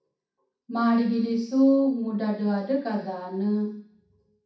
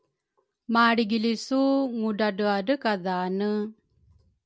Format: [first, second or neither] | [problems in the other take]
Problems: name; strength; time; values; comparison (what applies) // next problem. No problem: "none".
second | room echo; dies away in 0.6 s